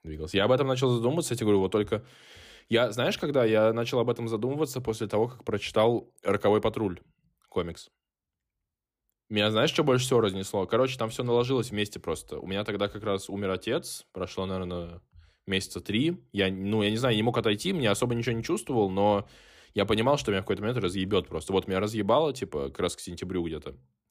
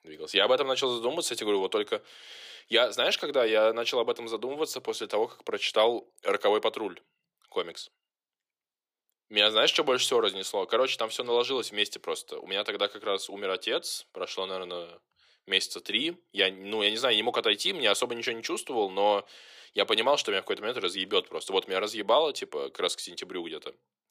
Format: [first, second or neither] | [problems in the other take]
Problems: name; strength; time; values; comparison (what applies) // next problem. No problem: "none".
first | thin; somewhat; fading below 500 Hz